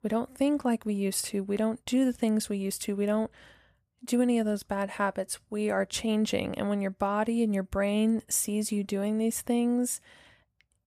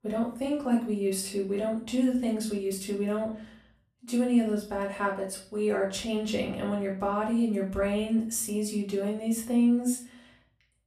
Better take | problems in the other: first | room echo; slight; dies away in 0.4 s // off-mic speech; far

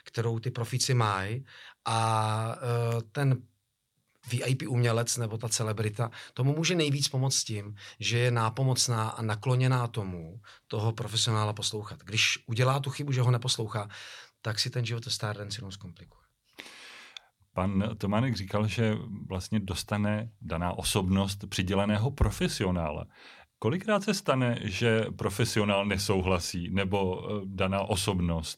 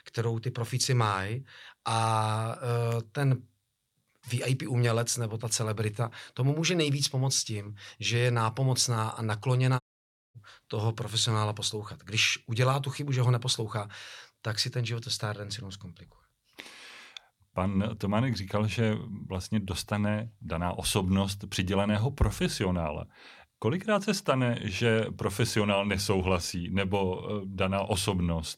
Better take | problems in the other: first | audio cutting out; at 10 s for 0.5 s

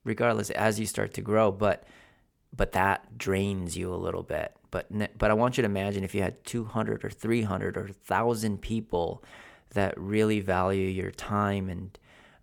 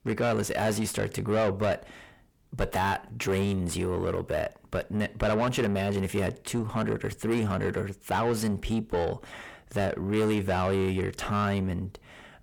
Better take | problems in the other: first | distortion; heavy; 8 dB below the speech

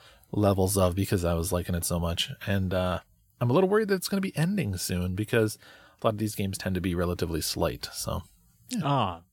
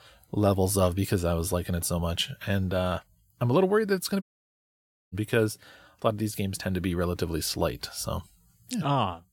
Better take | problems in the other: first | audio cutting out; at 4 s for 1 s

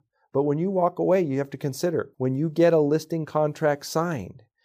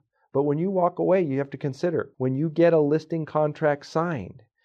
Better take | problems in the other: first | muffled; slightly; fading above 3 kHz

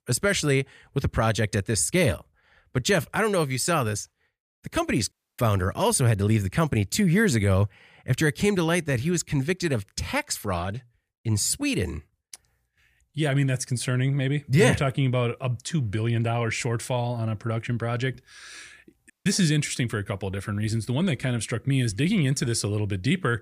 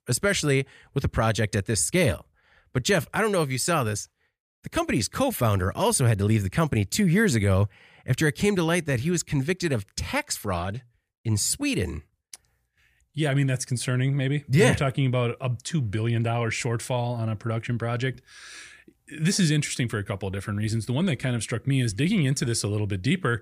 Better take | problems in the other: second | audio cutting out; at 5 s and at 19 s

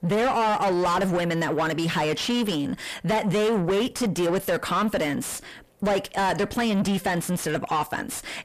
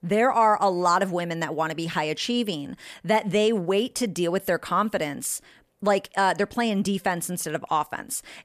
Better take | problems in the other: second | distortion; heavy; 6 dB below the speech

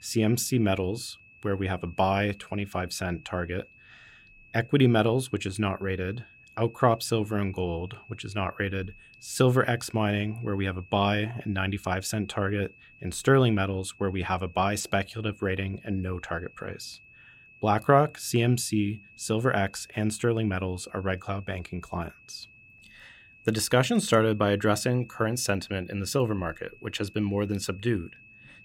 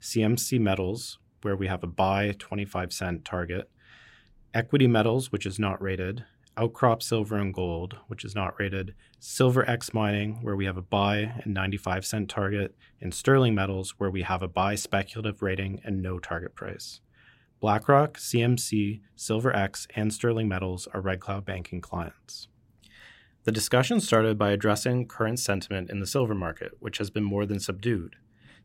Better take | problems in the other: second | high-pitched whine; faint; throughout; 2.5 kHz, 25 dB below the speech

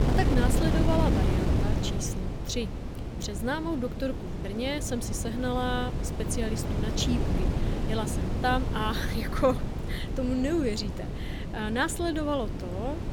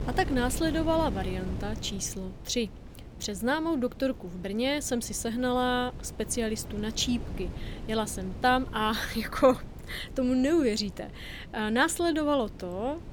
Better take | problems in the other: second | wind noise on the microphone; heavy; 5 dB below the speech; occasional gusts in the second

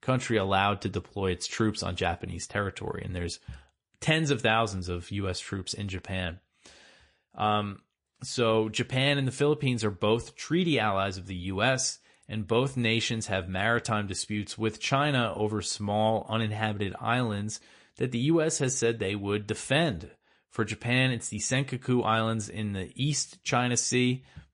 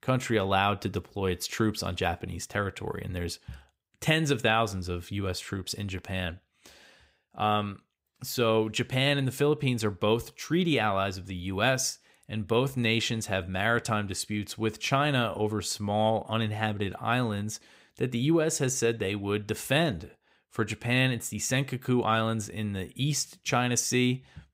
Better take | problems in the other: second | garbled, watery; slightly; nothing above 10 kHz

